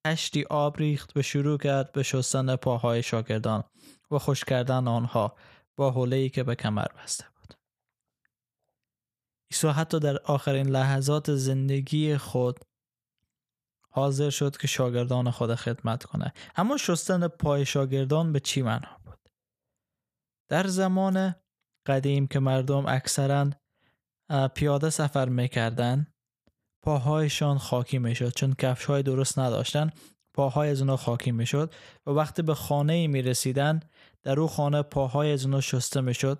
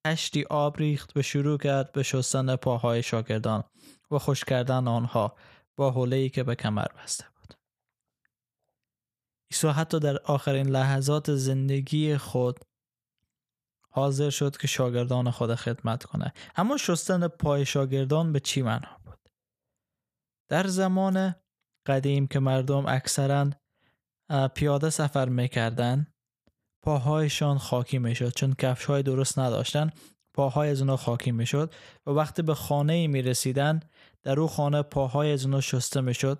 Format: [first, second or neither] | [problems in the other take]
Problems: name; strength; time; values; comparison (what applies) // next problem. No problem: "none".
neither | none